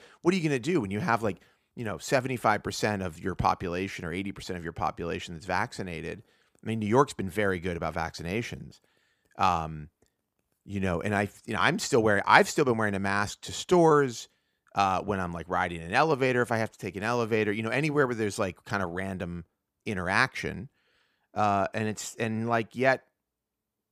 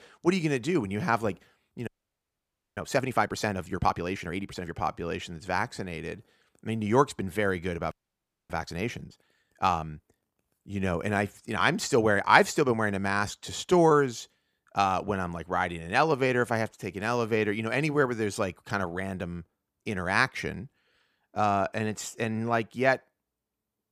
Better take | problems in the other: first | audio freezing; at 2 s for 1 s and at 8 s for 0.5 s

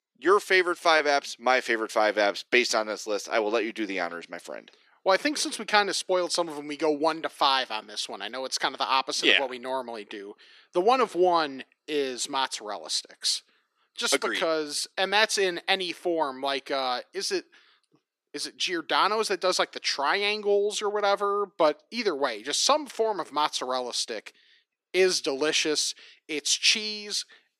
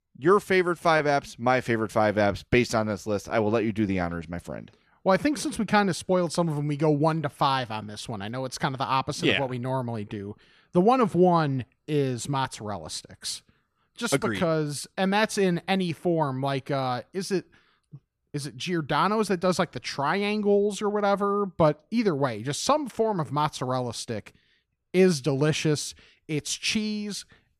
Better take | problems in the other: second | thin; somewhat; fading below 300 Hz

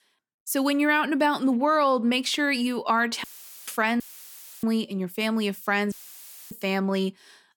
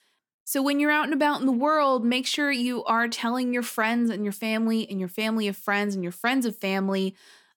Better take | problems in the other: second | audio cutting out; filled with static; at 3 s, at 4 s for 0.5 s and at 6 s for 0.5 s

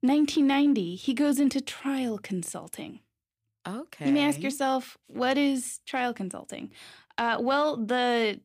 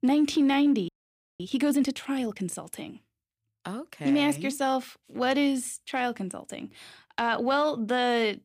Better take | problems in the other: first | audio freezing; at 1 s for 0.5 s

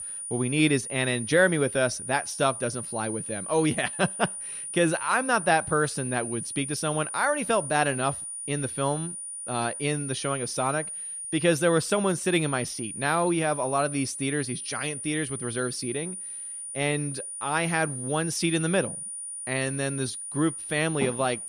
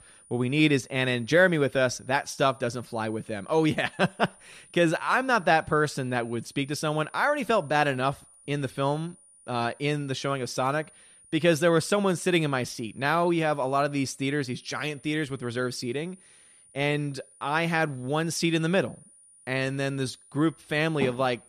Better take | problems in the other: second | high-pitched whine; loud; throughout; 9.5 kHz, 6 dB below the speech; faint in the second

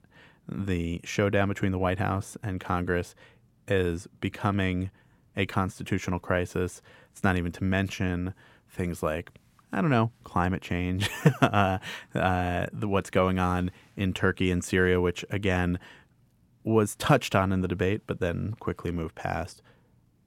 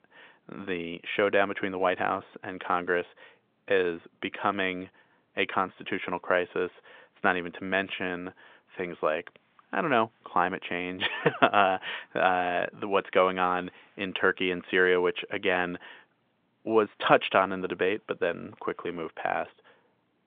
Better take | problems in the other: first | phone-call audio; nothing above 3.5 kHz

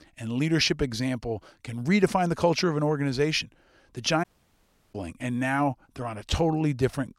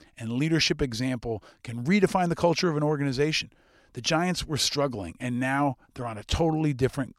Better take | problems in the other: second | audio cutting out; at 4 s for 0.5 s

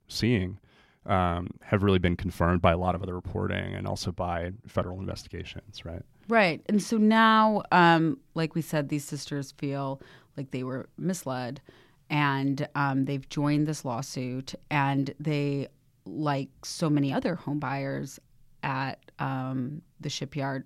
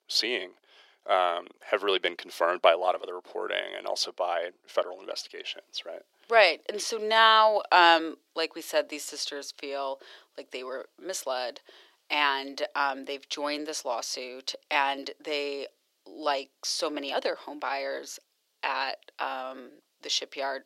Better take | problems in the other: first | thin; very; fading below 400 Hz

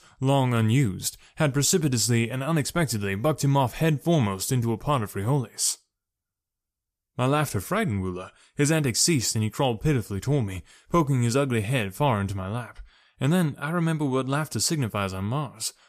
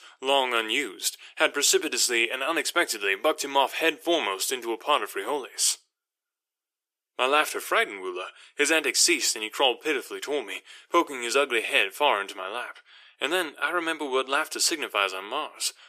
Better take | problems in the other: first | thin; very; fading below 350 Hz

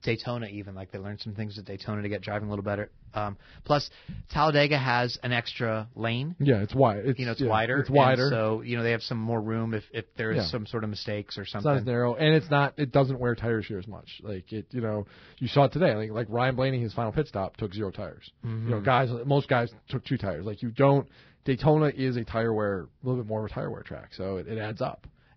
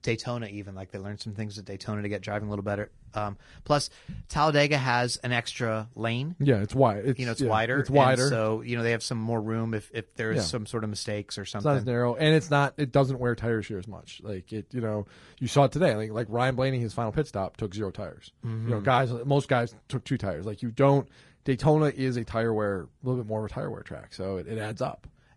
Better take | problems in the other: second | garbled, watery; badly; nothing above 5.5 kHz; slightly in the second

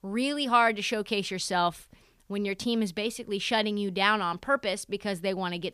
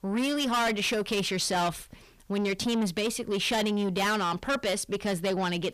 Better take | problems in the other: first | distortion; heavy; 6 dB below the speech

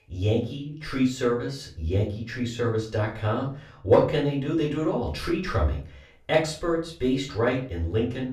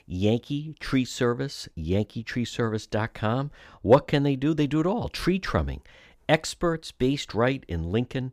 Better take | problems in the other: second | off-mic speech; far // room echo; slight; dies away in 0.3 s

